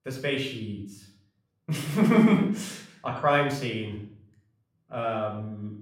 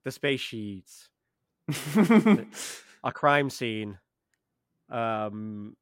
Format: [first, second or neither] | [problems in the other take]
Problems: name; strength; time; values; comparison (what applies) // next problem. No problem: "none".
second | off-mic speech; somewhat distant // room echo; noticeable; dies away in 0.5 s